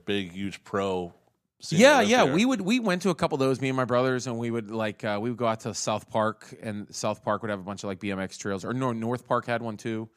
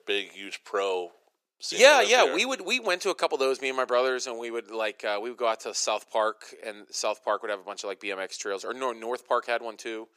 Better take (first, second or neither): first